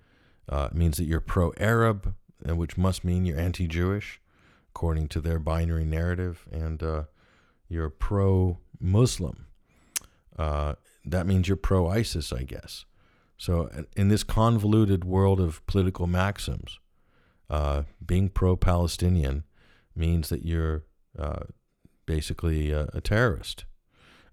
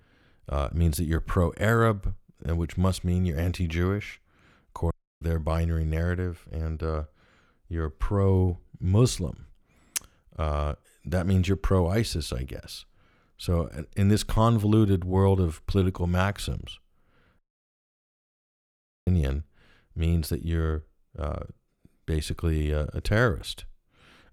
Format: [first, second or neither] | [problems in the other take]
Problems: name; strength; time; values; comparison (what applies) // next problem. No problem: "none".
first | audio cutting out; at 5 s and at 17 s for 1.5 s